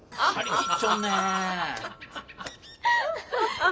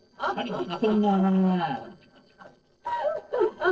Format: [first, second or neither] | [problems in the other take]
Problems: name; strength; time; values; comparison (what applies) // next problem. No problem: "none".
first | noise reduction (neural separator model SepFormer DNS4)